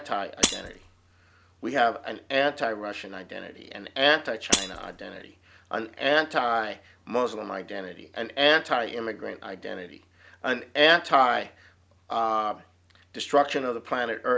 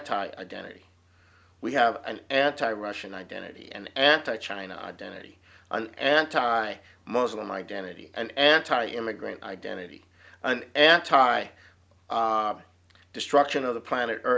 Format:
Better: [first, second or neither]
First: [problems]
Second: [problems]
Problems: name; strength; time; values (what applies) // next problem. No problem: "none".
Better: second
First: background sound (Shatter); 5 dB below the speech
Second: none